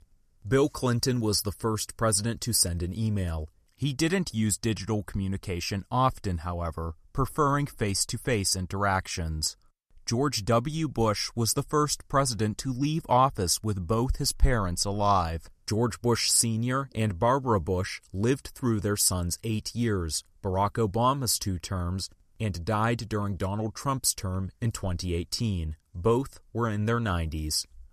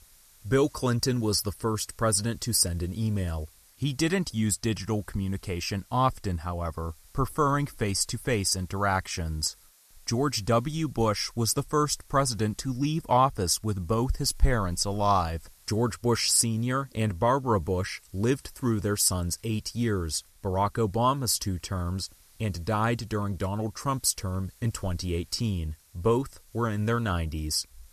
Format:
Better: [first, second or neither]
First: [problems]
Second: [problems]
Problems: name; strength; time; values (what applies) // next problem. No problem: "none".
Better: first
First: none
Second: hiss; faint; throughout; 30 dB below the speech